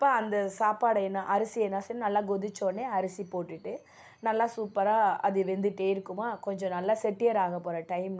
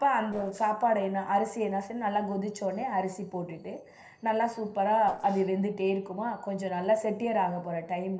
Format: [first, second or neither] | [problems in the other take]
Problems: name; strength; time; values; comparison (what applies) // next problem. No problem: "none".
first | noise reduction (neural separator model SepFormer DNS4)